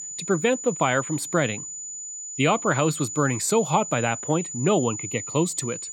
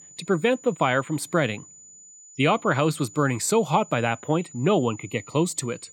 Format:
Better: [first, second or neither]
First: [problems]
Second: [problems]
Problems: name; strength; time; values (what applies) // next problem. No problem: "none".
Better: second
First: high-pitched whine; loud; throughout; 7 kHz, 8 dB below the speech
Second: high-pitched whine; faint; throughout; 7 kHz, 20 dB below the speech